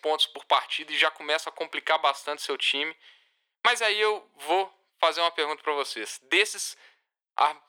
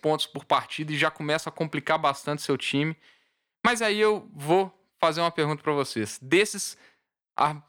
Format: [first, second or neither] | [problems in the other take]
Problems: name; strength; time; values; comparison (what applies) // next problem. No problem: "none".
second | thin; very; fading below 400 Hz